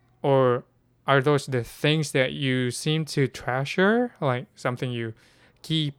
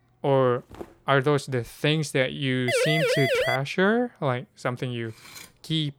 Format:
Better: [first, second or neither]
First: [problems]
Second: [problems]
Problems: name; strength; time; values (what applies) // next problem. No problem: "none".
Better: first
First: none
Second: footsteps; faint; at 0.5 s; peak 20 dB below the speech // siren; loud; at 2.5 s; peak 3 dB above the speech // clattering dishes; faint; at 5 s; peak 15 dB below the speech